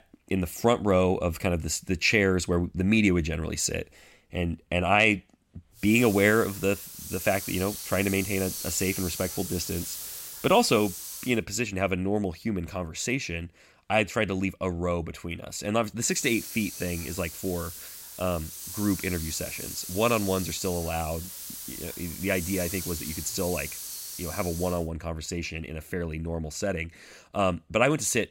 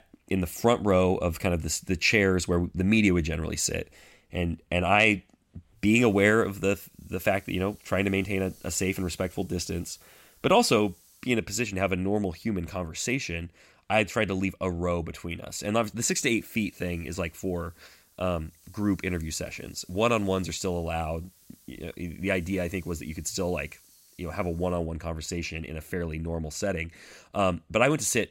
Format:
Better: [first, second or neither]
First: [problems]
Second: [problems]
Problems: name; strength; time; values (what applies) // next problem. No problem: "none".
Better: second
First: hiss; loud; from 6 to 11 s and from 16 to 25 s; 8 dB below the speech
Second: hiss; faint; from 6 to 11 s and from 16 to 25 s; 30 dB below the speech